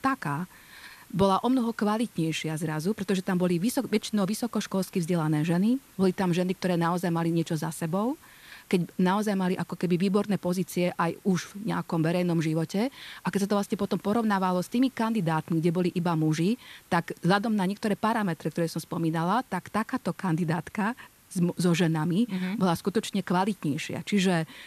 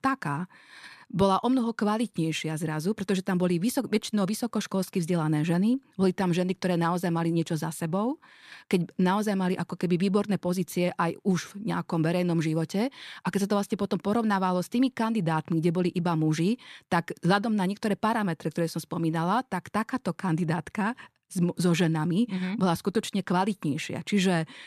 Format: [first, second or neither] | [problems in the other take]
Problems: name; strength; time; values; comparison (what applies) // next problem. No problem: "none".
second | hiss; faint; throughout; 25 dB below the speech